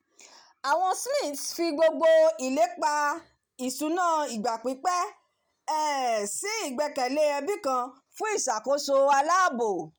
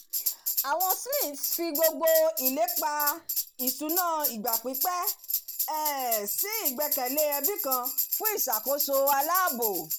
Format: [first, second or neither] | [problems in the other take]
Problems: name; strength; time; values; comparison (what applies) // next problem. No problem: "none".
first | background sound (Tambourine); 1 dB below the speech